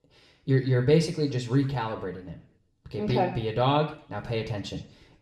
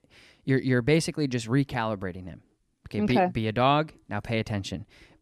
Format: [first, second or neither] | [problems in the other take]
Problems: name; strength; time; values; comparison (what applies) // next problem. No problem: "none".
second | room echo; slight; dies away in 0.5 s // off-mic speech; somewhat distant